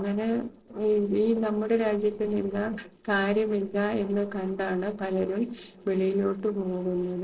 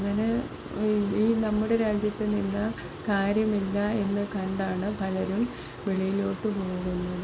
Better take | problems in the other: second | noise reduction (neural separator model SepFormer DNS4)

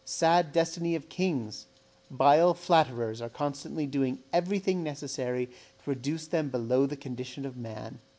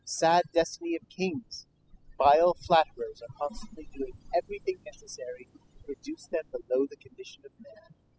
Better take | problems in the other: first | noise reduction (classical method spectral subtraction)

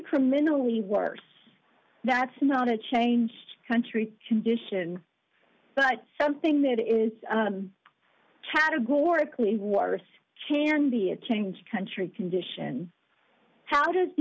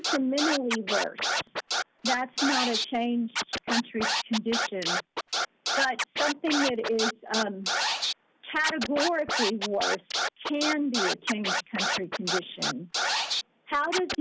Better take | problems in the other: first | background sound (Scratching (performance technique)); as loud as the speech

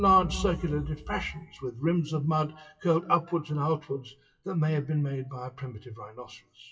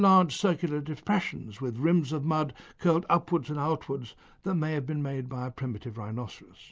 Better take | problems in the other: second | noise reduction (classical method WPE with log-MMSE)

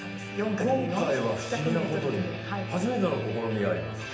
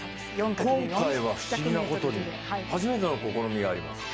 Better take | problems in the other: second | room echo; dies away in 0.8 s

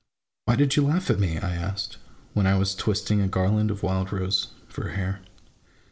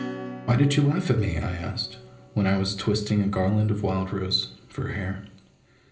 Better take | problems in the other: first | background sound (Acoustic guitar / Strum); 17 dB below the speech // room echo; dies away in 0.5 s

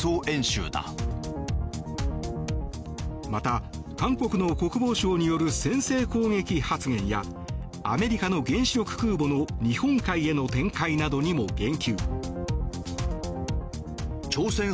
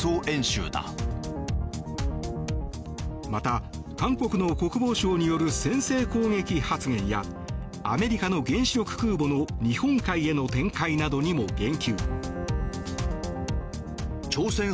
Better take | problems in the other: first | background sound (Bowed string instrument); 18 dB below the speech

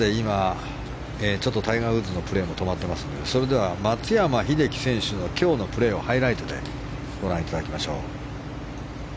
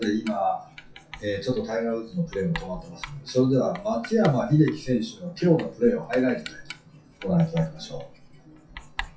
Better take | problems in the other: first | noise reduction (classical method WPE with log-MMSE)

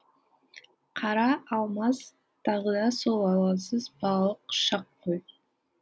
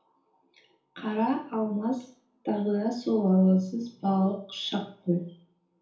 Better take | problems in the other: first | room echo; dies away in 0.7 s

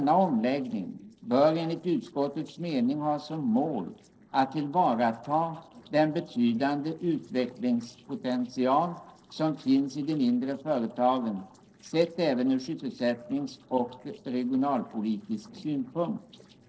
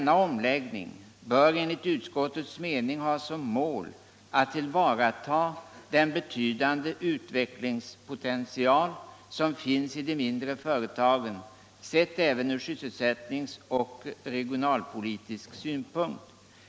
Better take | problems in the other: second | noise reduction (neural separator model SepFormer DNS4)

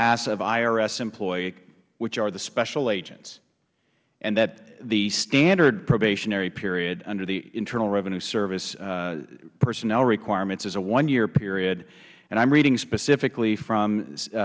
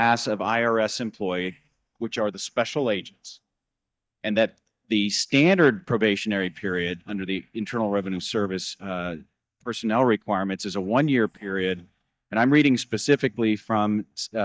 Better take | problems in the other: first | noise reduction (neural mask model DeepFilterNet 3)

